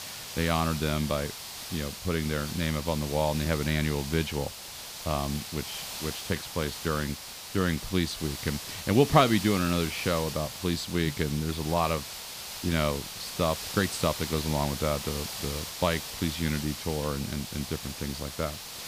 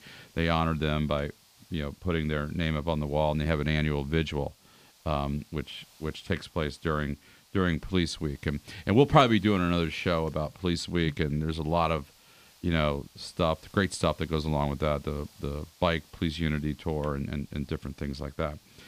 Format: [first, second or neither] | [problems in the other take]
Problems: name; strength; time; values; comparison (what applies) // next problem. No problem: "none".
second | hiss; loud; throughout; 7 dB below the speech; faint in the second